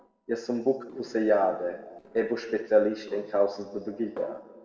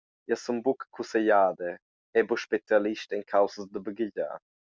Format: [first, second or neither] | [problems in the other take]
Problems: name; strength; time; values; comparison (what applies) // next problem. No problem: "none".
second | noise reduction (neural separator model SepFormer DNS4)